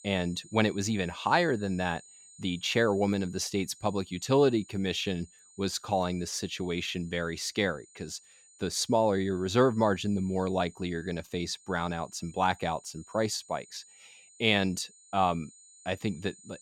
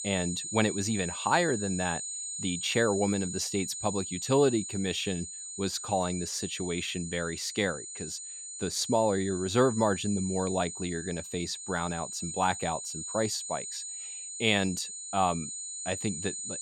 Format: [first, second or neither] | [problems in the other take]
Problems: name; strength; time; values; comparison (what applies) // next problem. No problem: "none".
first | high-pitched whine; loud; throughout; 7 kHz, 6 dB below the speech; faint in the first